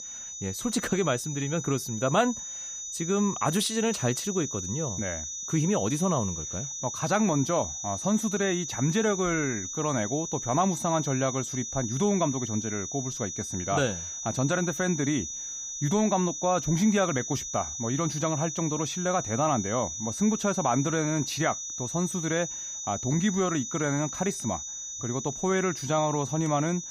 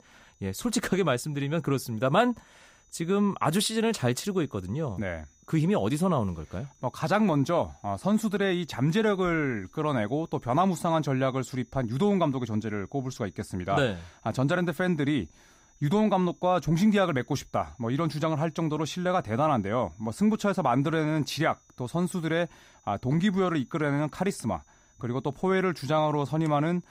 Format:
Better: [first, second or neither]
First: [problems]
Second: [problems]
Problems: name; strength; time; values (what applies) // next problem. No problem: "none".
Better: second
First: high-pitched whine; loud; throughout; 6 kHz, 5 dB below the speech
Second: high-pitched whine; faint; throughout; 6 kHz, 35 dB below the speech